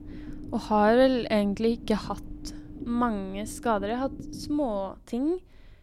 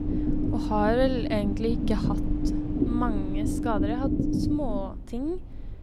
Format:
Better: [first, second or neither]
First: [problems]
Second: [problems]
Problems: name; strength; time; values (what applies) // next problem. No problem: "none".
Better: first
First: low rumble; faint; throughout; 20 dB below the speech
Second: low rumble; loud; throughout; 3 dB below the speech